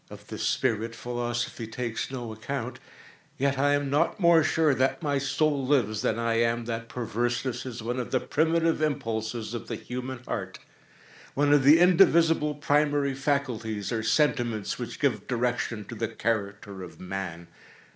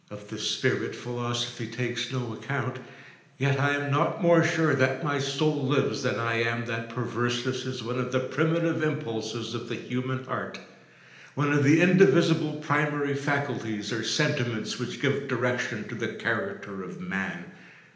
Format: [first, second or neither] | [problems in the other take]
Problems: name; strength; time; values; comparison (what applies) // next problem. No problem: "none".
first | room echo; dies away in 0.9 s